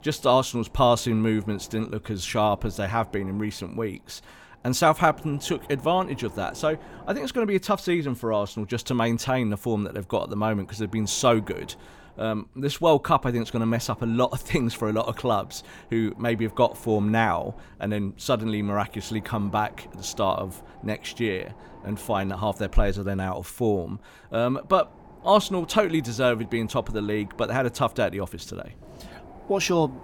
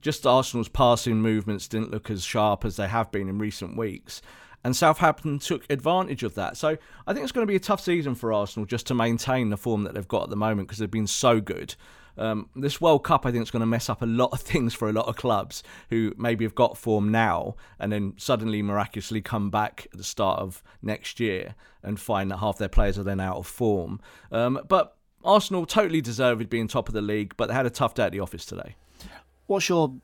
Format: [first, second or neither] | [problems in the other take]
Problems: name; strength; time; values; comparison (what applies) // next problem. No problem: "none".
second | wind noise on the microphone; occasional gusts; 25 dB below the speech